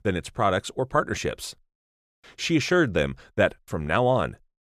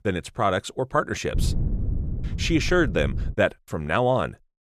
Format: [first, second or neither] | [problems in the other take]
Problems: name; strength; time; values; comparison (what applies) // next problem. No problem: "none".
first | wind noise on the microphone; occasional gusts; from 1.5 to 3.5 s; 20 dB below the speech